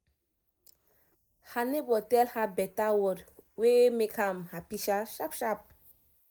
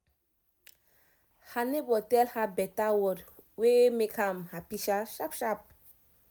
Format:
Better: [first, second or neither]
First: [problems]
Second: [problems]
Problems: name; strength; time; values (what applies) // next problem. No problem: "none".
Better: second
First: noise reduction (neural mask model Resemble Enhance denoiser)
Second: none